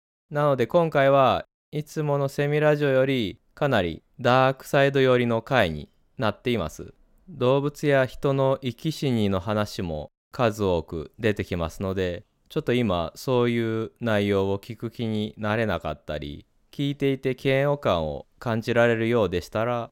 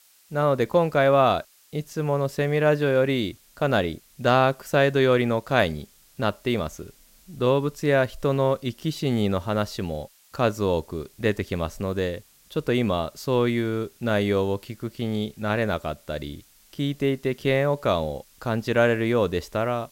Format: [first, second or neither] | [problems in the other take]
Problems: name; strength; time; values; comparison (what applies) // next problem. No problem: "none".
first | hiss; faint; throughout; 30 dB below the speech